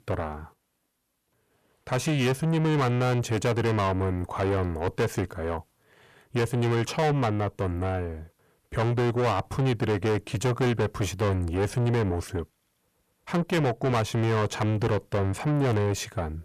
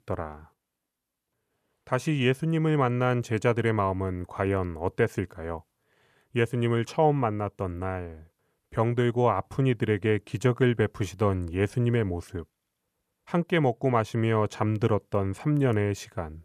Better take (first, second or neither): second